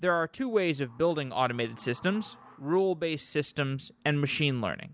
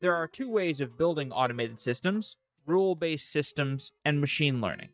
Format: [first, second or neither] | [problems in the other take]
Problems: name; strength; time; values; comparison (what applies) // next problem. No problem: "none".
first | noise reduction (neural mask model DeepFilterNet 3)